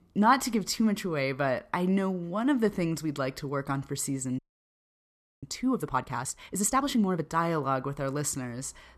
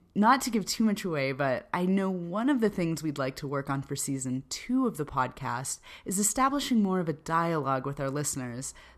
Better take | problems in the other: second | audio freezing; at 4.5 s for 1 s

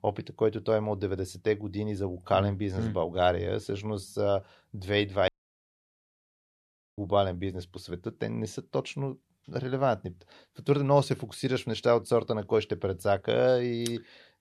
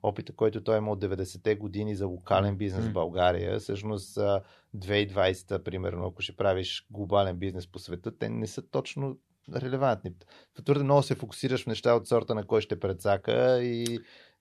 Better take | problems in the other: second | audio cutting out; at 5.5 s for 1.5 s

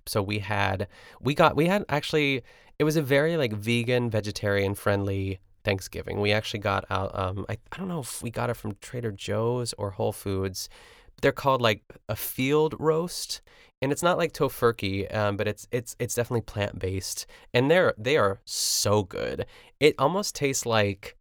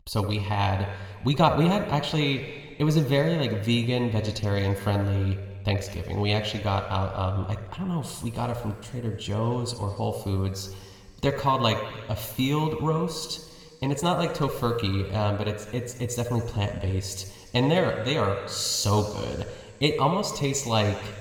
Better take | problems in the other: first | room echo; slight; dies away in 1.9 s

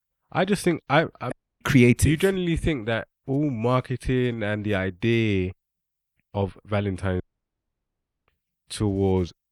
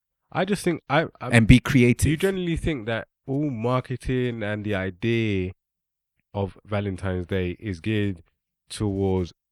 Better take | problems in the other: second | audio cutting out; at 1.5 s and at 7 s for 1 s

